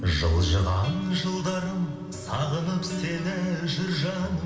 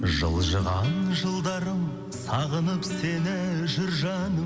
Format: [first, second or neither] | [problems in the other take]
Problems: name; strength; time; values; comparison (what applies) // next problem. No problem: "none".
second | room echo; dies away in 0.7 s